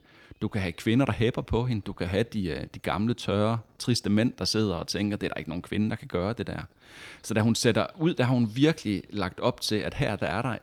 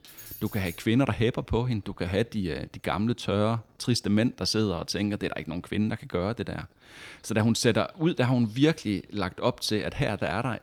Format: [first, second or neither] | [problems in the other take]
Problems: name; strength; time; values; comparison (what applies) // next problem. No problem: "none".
first | jangling keys; faint; at the start; peak 15 dB below the speech